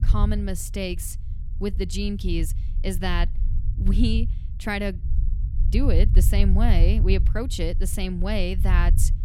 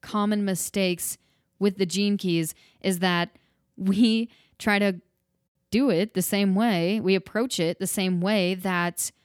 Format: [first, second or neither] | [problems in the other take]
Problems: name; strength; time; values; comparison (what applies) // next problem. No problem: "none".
second | low rumble; noticeable; throughout; 15 dB below the speech